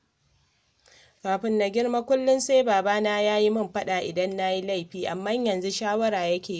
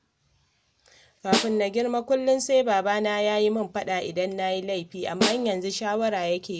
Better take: first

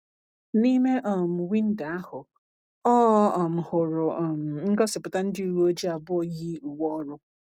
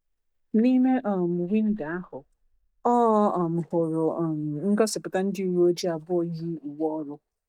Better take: first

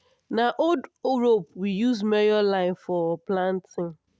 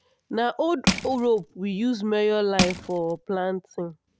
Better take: first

